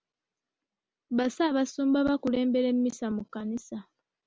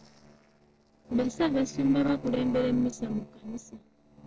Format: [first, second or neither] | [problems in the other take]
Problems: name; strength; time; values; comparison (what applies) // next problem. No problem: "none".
first | noise reduction (neural separator model SepFormer DNS4)